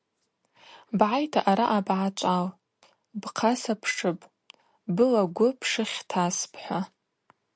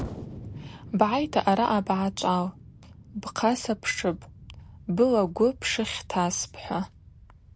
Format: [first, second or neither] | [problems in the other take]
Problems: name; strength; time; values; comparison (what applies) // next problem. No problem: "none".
first | background sound (Explosion); 16 dB below the speech